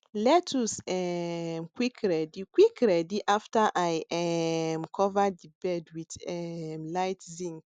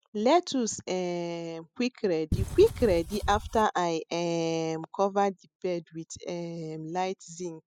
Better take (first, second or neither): first